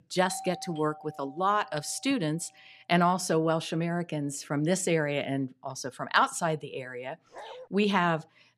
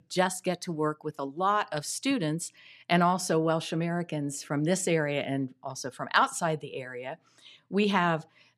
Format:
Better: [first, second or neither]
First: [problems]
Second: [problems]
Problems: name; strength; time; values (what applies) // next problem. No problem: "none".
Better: second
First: doorbell; faint; until 2 s; peak 10 dB below the speech // dog barking; faint; at 7.5 s; peak 15 dB below the speech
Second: none